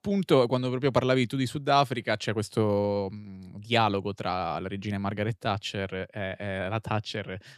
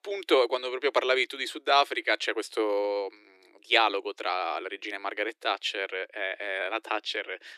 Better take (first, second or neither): first